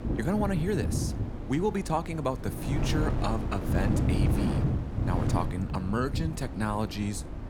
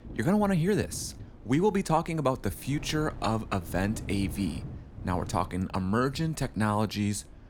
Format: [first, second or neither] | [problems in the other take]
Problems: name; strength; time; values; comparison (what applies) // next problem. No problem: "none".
second | wind noise on the microphone; heavy; 5 dB below the speech; occasional gusts in the second